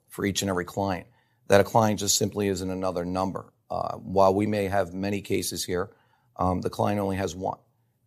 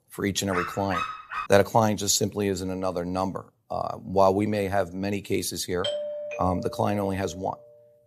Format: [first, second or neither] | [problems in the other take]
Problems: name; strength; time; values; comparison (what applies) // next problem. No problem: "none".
first | dog barking; noticeable; at 0.5 s; peak 5 dB below the speech // doorbell; noticeable; from 6 to 7.5 s; peak 4 dB below the speech